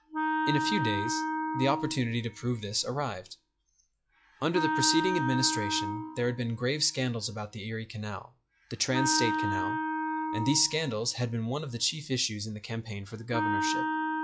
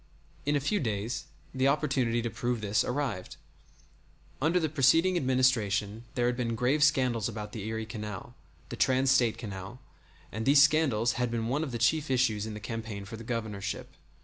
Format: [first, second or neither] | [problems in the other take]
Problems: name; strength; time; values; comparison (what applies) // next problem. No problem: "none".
second | noise reduction (classical method log-MMSE)